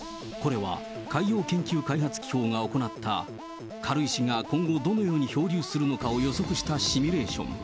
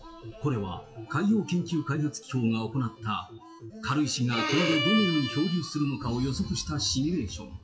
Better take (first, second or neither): first